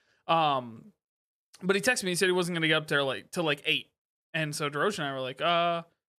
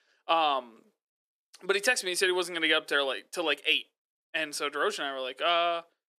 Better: first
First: none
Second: thin; somewhat; fading below 300 Hz

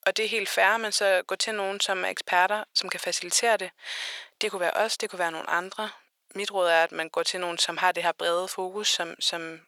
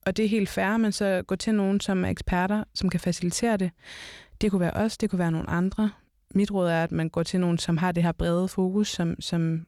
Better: second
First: thin; very; fading below 600 Hz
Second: none

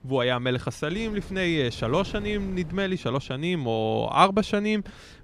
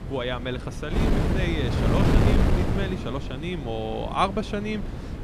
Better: first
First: wind noise on the microphone; occasional gusts; 25 dB below the speech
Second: wind noise on the microphone; heavy; 2 dB below the speech

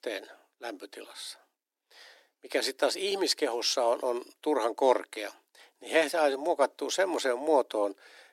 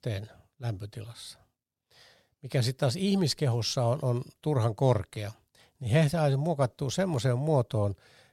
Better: second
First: thin; very; fading below 300 Hz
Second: none

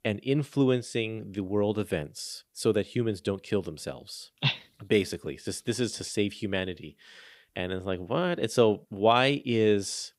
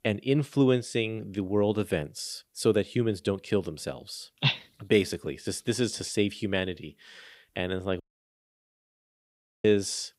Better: first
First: none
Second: audio cutting out; at 8 s for 1.5 s

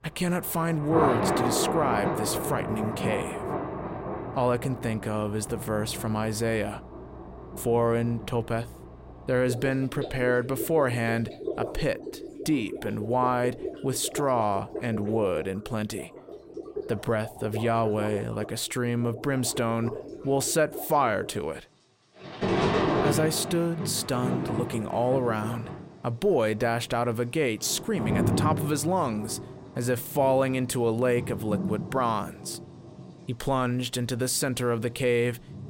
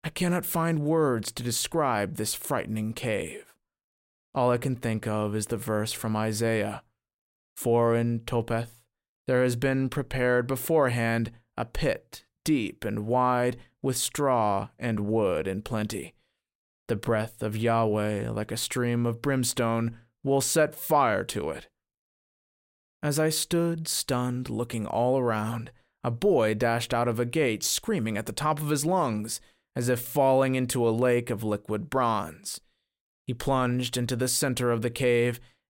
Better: second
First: rain or running water; loud; throughout; 5 dB below the speech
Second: none

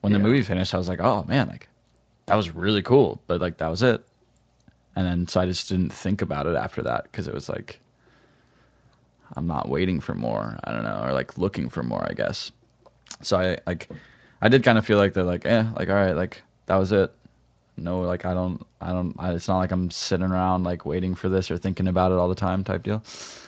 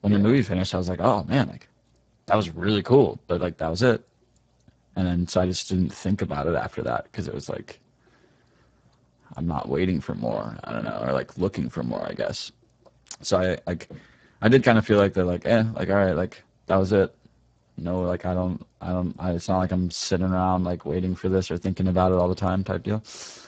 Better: first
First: garbled, watery; slightly; nothing above 7.5 kHz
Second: garbled, watery; badly; nothing above 7.5 kHz

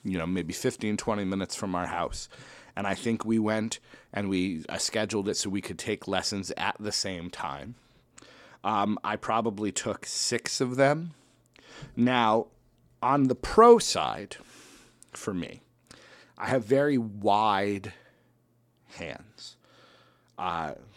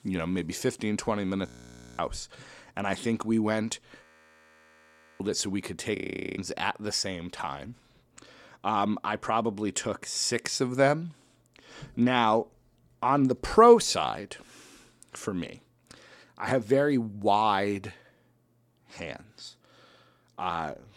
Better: first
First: none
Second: audio freezing; at 1.5 s for 0.5 s, at 4 s for 1 s and at 6 s

